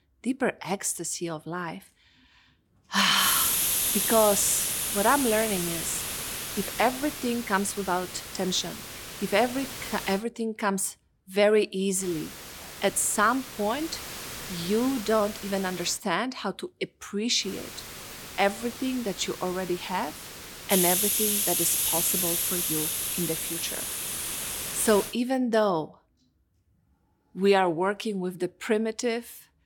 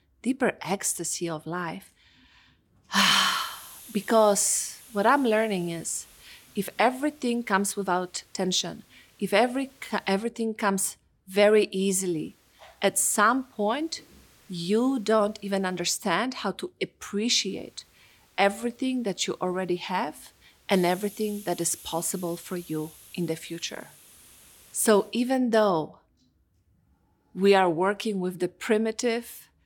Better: second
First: hiss; loud; from 3 to 10 s, from 12 to 16 s and from 17 to 25 s; as loud as the speech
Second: hiss; faint; from 3 to 10 s, from 12 to 16 s and from 17 to 25 s; 20 dB below the speech

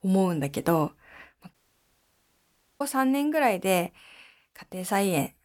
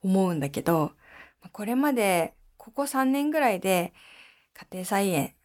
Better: second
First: audio cutting out; at 1.5 s for 1.5 s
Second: none

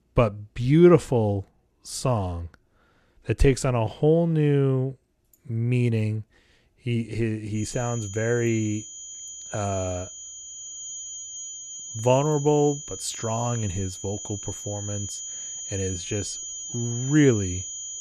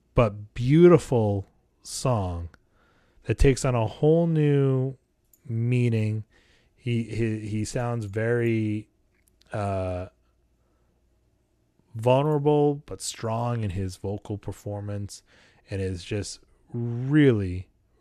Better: second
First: high-pitched whine; loud; from 7.5 s on; 6.5 kHz, 9 dB below the speech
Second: none

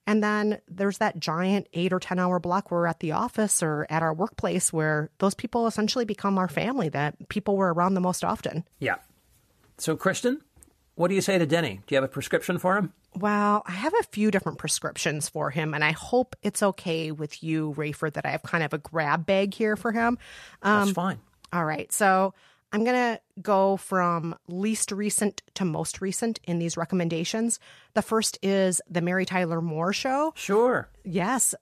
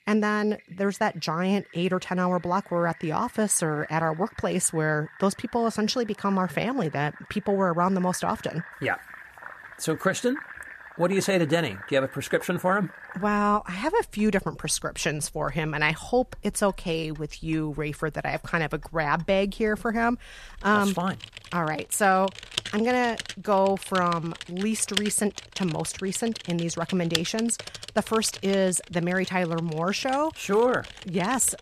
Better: first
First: none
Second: household noises; noticeable; throughout; 15 dB below the speech

